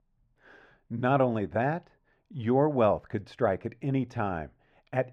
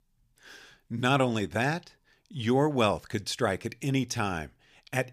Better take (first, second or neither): second